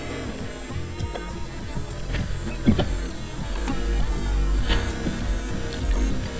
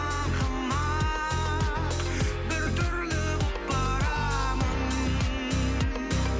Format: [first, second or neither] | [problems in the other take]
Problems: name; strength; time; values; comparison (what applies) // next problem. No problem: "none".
second | noise reduction (neural mask model DeepFilterNet 3)